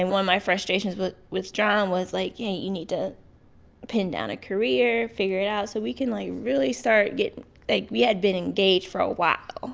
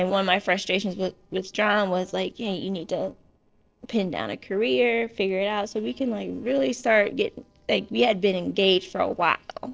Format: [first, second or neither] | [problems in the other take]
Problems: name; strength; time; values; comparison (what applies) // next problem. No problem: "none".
first | noise reduction (neural separator model SepFormer DNS4)